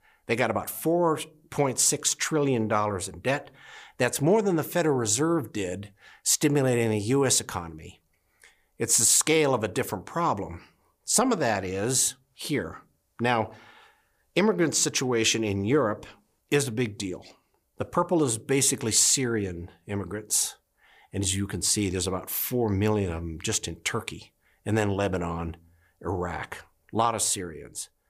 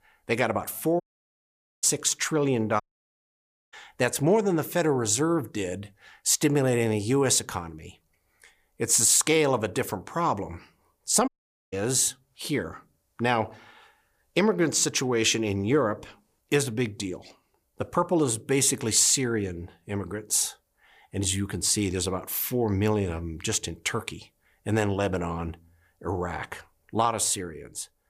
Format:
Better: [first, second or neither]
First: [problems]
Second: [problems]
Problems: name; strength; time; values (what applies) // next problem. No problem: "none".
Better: first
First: none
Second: audio cutting out; at 1 s for 1 s, at 3 s for 1 s and at 11 s